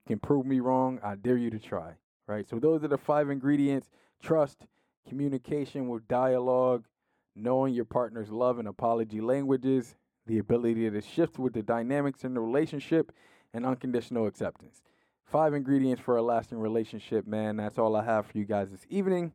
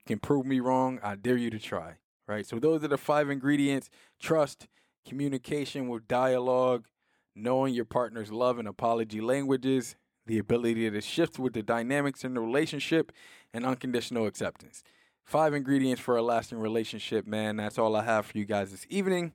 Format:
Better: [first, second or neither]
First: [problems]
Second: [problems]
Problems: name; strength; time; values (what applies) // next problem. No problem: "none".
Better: second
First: muffled; slightly; fading above 1.5 kHz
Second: none